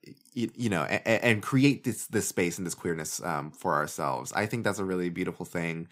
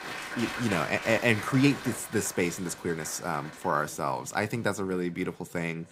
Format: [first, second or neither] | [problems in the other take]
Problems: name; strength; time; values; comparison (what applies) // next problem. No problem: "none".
first | crowd noise; loud; throughout; 9 dB below the speech